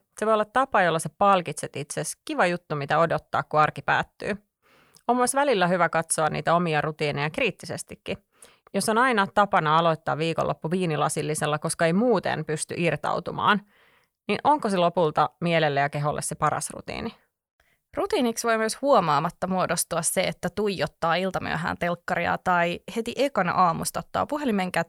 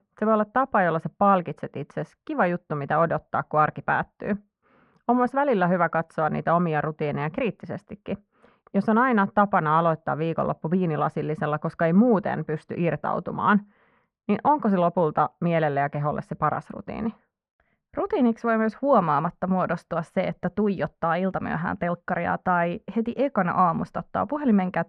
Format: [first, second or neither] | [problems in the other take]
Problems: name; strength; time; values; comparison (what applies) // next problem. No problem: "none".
first | muffled; very; fading above 1.5 kHz